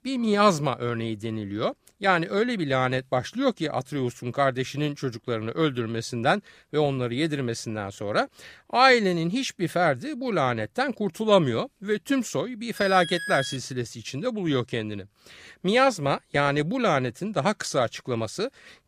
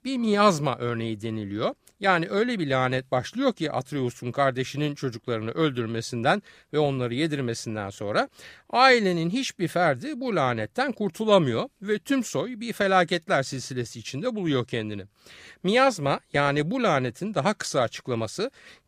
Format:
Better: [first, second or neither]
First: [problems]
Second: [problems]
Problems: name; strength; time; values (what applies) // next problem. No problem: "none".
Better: second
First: alarm; noticeable; at 13 s; peak 6 dB below the speech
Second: none